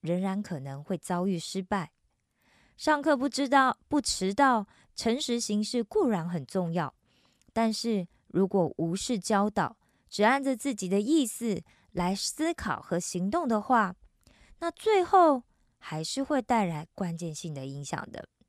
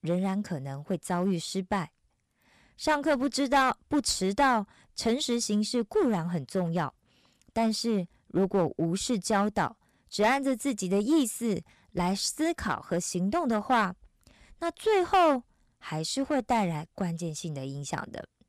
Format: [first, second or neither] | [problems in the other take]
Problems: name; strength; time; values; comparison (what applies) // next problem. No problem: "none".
first | distortion; slight; 4% of the sound clipped